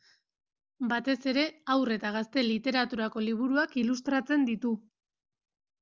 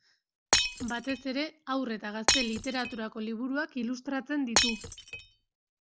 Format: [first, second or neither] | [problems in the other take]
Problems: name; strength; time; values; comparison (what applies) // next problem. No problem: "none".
first | background sound (Shatter); 4 dB above the speech